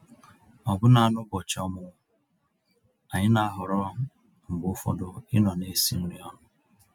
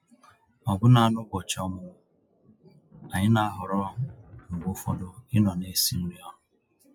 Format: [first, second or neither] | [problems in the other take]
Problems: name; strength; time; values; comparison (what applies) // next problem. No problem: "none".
first | noise reduction (classical method log-MMSE)